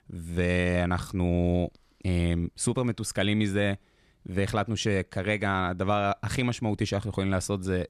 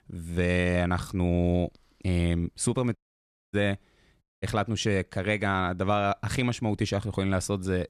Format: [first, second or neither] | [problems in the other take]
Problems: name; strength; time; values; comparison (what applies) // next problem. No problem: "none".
first | audio cutting out; at 3 s for 0.5 s and at 4 s